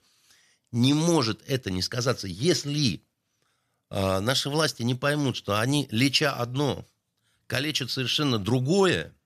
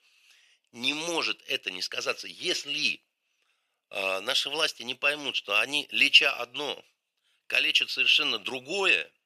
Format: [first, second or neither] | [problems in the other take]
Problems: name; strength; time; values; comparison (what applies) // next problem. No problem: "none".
first | thin; somewhat; fading below 500 Hz